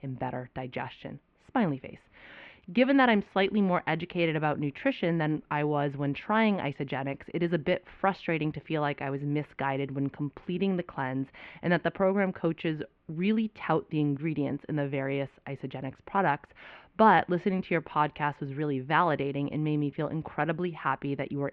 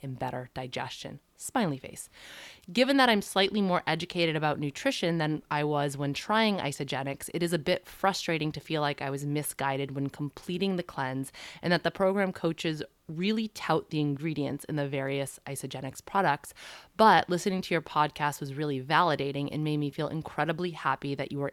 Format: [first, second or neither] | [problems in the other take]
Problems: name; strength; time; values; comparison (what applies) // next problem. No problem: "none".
second | muffled; very; fading above 2.5 kHz